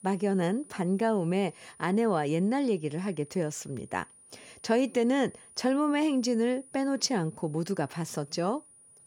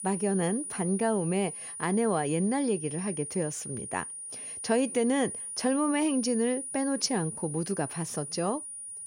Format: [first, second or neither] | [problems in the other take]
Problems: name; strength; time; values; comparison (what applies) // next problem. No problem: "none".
first | high-pitched whine; loud; throughout; 9.5 kHz, 7 dB below the speech; faint in the first